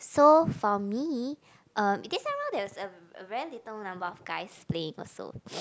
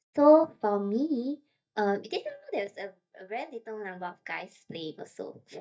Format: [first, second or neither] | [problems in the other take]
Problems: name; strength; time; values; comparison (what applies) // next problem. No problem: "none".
first | noise reduction (neural mask model DeepFilterNet 3)